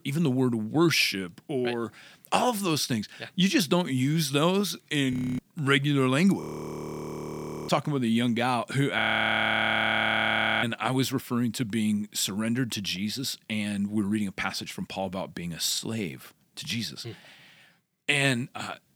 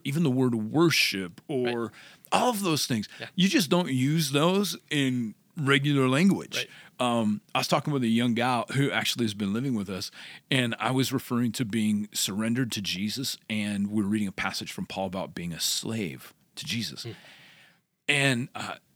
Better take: second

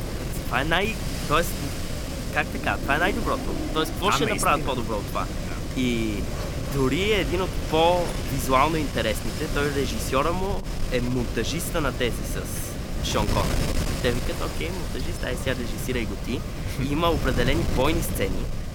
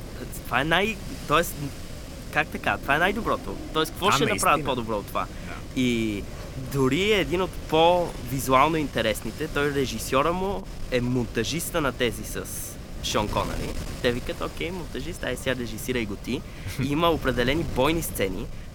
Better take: second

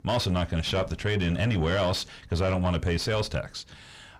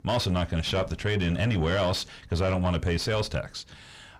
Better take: neither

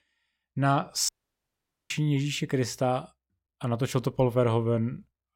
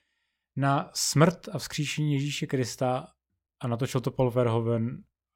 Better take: second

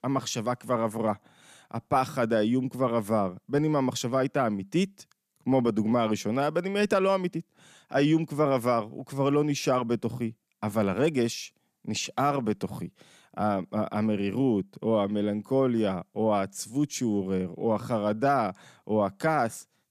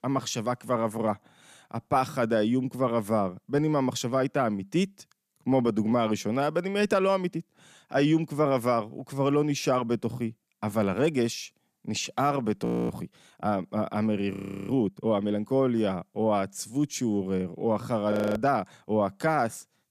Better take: first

